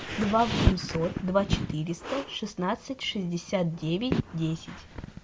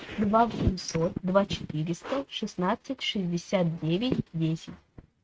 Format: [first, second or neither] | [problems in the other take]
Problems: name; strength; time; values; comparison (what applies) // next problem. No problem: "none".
first | noise reduction (neural mask model RNNoise)